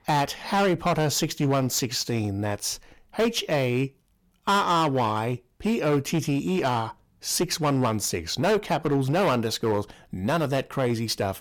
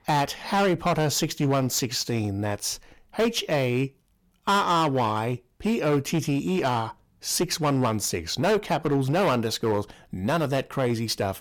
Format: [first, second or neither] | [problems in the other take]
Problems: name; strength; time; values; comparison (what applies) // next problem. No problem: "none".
neither | distortion; heavy; 11% of the sound clipped; the same in both